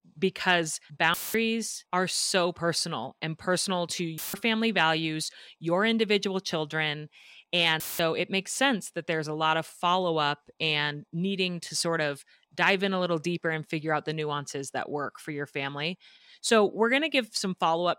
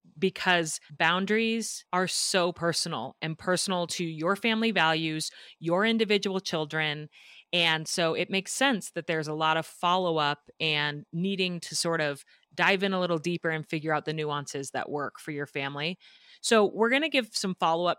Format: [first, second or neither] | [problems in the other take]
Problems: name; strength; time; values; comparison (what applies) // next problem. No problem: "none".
second | audio cutting out; filled with static; at 1 s, at 4 s and at 8 s